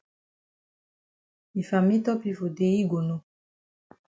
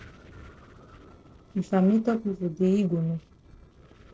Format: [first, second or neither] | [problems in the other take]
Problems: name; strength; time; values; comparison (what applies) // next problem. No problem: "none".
first | noise reduction (neural separator model SepFormer DNS4)